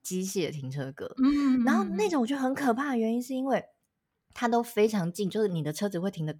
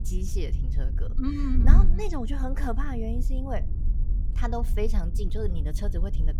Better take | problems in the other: first | wind noise on the microphone; occasional gusts; 10 dB below the speech

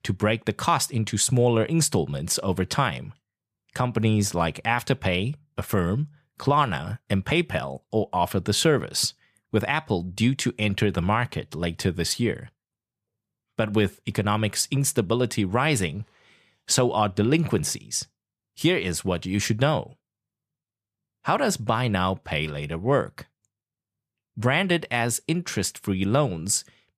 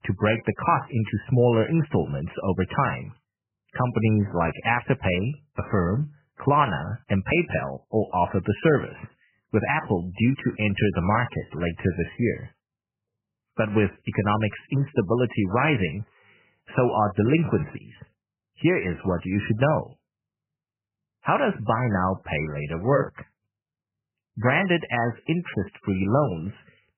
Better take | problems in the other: first | garbled, watery; badly; nothing above 3 kHz

